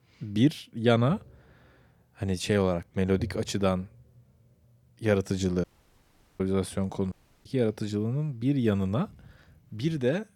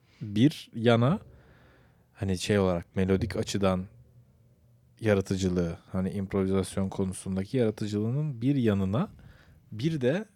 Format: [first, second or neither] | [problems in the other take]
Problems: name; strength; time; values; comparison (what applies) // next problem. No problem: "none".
second | audio cutting out; at 5.5 s for 1 s and at 7 s